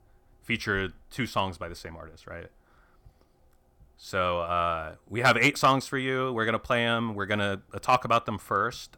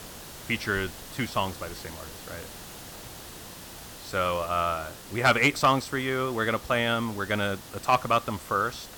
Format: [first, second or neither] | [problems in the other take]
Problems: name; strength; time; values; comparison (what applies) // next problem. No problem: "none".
first | hiss; noticeable; throughout; 15 dB below the speech